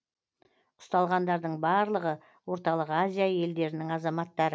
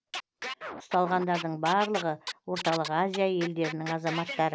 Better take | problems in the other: first | background sound (Scratching (performance technique)); 10 dB below the speech

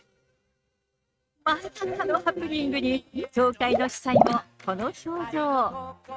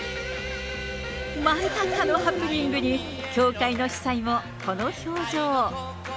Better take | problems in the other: second | noise reduction (neural mask model RNNoise)

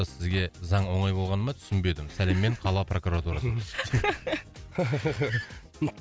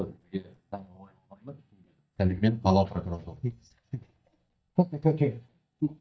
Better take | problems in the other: first | noise reduction (neural mask model DeepFilterNet 3)

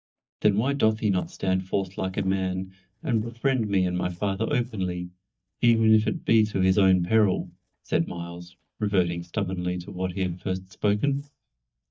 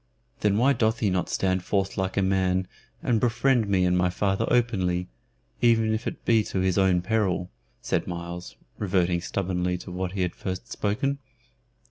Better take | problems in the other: second | noise reduction (neural mask model DeepFilterNet 3)

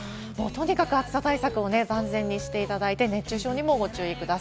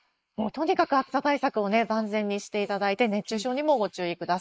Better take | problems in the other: first | noise reduction (neural mask model Resemble Enhance denoiser)

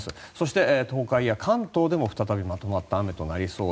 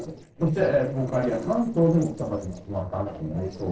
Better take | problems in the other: first | noise reduction (neural separator model SepFormer DNS4)

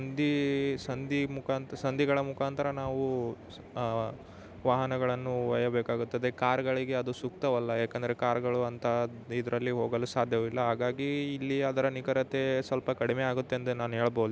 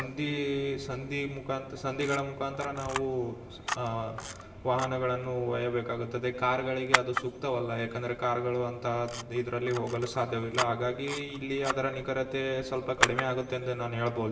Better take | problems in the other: first | background sound (Camera); 7 dB below the speech // room echo; dies away in 1 s

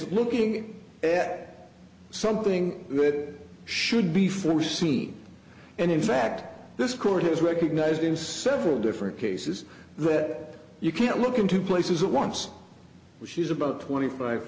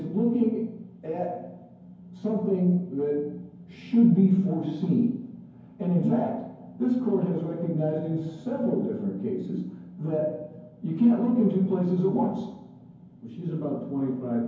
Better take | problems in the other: first | room echo; dies away in 0.9 s

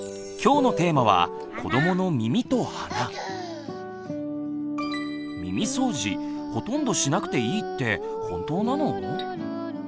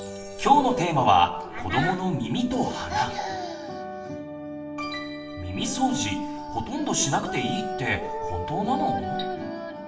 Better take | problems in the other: first | background sound (Wind instrument, woodwind instrument); 16 dB below the speech // room echo; dies away in 0.6 s

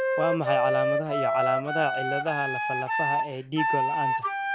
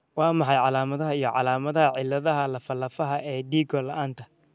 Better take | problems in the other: second | background sound (Wind instrument, woodwind instrument); 3 dB above the speech

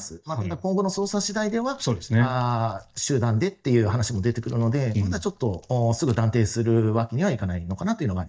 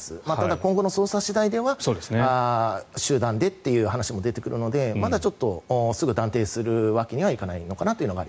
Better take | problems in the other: second | noise reduction (neural mask model DeepFilterNet 3)

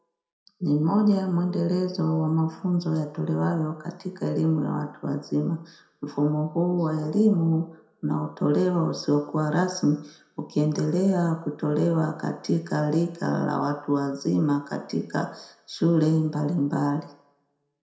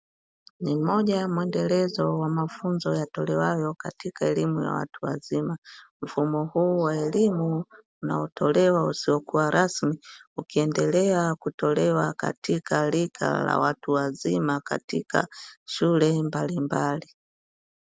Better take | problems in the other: second | room echo; dies away in 0.5 s

